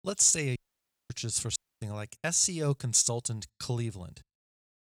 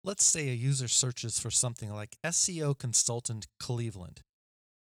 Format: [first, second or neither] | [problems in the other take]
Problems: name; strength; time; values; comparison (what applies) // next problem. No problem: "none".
second | audio cutting out; at 0.5 s for 0.5 s and at 1.5 s